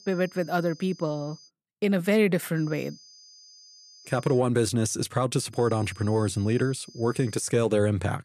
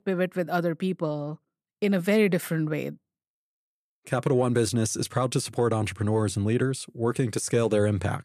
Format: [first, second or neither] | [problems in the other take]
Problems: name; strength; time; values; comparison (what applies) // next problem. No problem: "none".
second | high-pitched whine; faint; until 1.5 s, from 2.5 to 4.5 s and from 5.5 to 7.5 s; 5 kHz, 25 dB below the speech